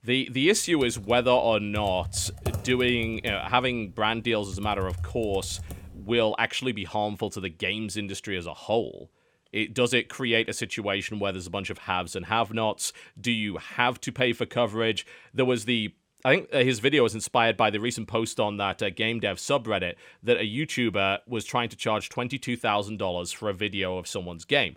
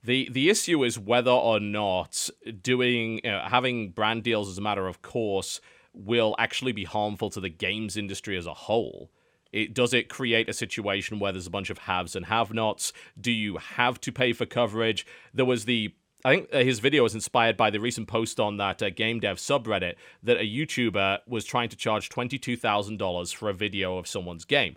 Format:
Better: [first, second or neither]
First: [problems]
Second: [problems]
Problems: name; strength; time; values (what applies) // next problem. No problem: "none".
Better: second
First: keyboard typing; noticeable; from 1 to 6 s; peak 6 dB below the speech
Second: none